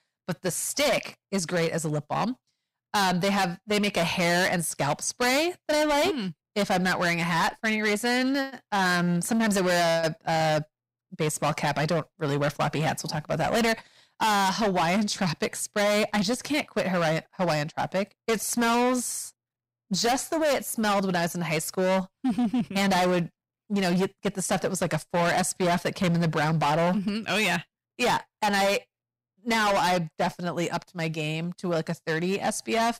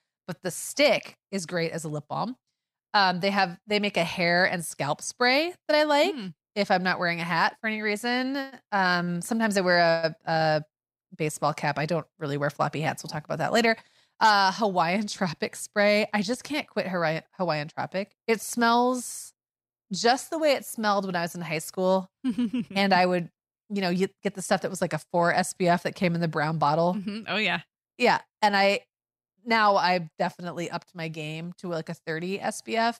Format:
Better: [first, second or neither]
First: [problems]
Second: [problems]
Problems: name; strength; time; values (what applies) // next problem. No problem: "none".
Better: second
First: distortion; heavy; 19% of the sound clipped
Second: none